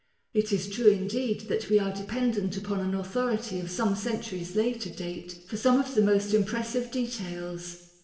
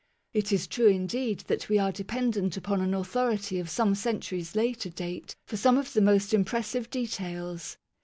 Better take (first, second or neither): second